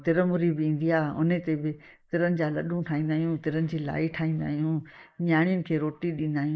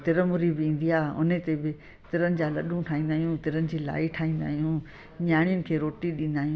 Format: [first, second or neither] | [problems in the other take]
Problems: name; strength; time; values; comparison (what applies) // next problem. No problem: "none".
second | noise reduction (neural mask model Resemble Enhance denoiser)